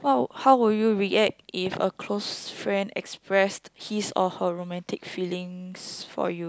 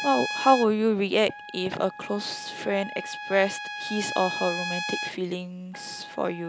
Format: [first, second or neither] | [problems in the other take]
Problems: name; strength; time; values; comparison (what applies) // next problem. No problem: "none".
first | background sound (Trumpet); 9 dB below the speech